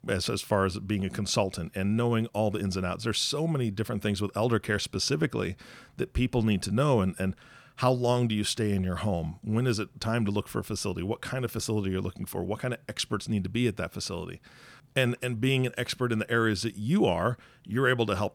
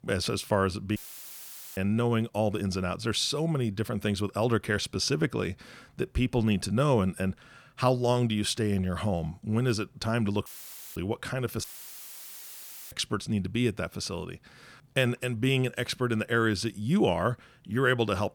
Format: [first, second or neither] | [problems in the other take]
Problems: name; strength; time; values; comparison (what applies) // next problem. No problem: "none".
first | audio cutting out; filled with static; at 1 s for 1 s, at 10 s for 0.5 s and at 12 s for 1.5 s